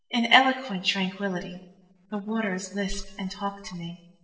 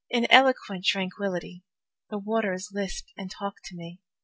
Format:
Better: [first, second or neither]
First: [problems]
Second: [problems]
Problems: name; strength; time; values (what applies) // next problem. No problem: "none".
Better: second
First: noise reduction (neural separator model SepFormer DNS4)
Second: none